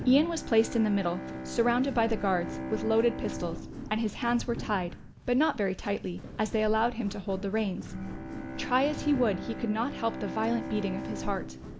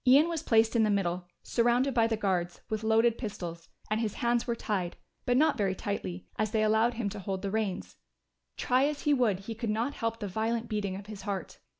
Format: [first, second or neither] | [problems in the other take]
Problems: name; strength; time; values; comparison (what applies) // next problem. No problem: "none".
second | background sound (Bowed string instrument + Walk, footsteps); 8 dB below the speech